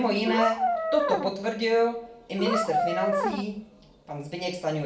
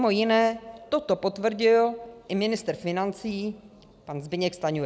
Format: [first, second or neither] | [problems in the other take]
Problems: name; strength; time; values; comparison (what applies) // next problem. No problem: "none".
second | background sound (Brass instrument); as loud as the speech // room echo; dies away in 0.4 s